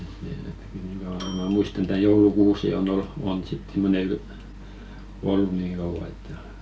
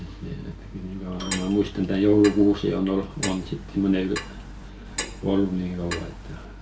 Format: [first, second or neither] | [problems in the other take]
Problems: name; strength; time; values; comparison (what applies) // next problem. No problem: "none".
first | background sound (Clock); 12 dB below the speech